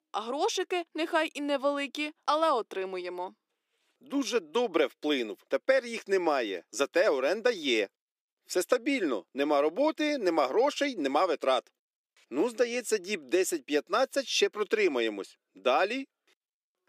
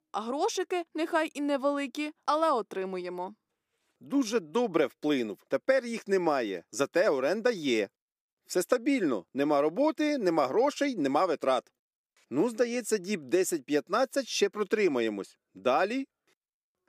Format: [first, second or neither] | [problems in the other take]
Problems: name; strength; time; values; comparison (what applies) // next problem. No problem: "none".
second | thin; very slightly; fading below 350 Hz